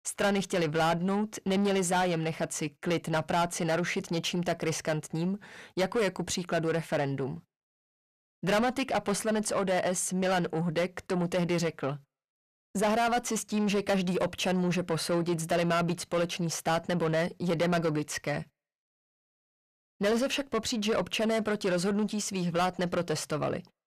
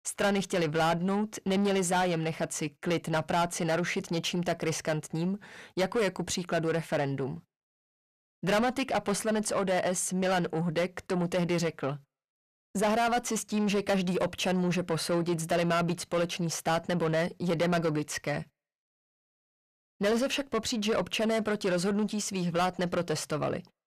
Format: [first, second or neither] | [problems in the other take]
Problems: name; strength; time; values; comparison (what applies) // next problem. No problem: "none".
neither | distortion; heavy; 7 dB below the speech; the same in both